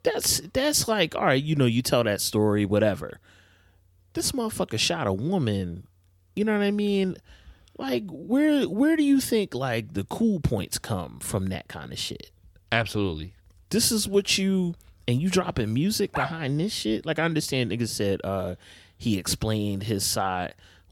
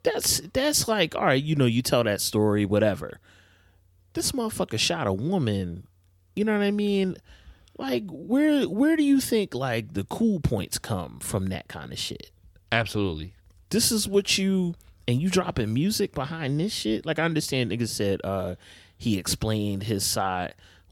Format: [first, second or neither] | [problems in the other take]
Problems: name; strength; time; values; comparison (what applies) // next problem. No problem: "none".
second | dog barking; noticeable; at 16 s; peak 6 dB below the speech